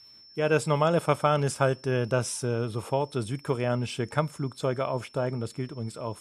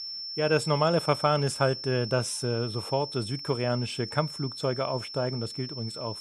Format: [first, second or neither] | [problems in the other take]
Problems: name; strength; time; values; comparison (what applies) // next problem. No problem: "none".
first | high-pitched whine; loud; throughout; 5.5 kHz, 8 dB below the speech; faint in the first